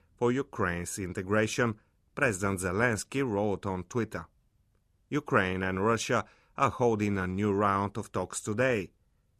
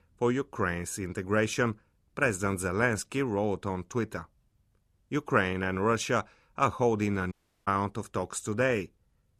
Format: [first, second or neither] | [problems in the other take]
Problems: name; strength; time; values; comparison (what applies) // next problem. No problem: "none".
first | audio cutting out; at 7.5 s